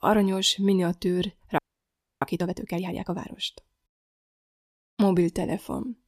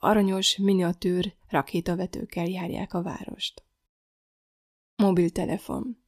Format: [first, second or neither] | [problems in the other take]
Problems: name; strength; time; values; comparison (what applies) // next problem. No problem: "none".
second | audio freezing; at 1.5 s for 0.5 s